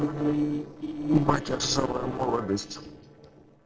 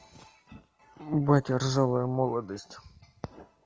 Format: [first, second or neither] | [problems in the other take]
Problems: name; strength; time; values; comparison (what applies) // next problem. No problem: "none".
second | noise reduction (neural separator model SepFormer DNS4)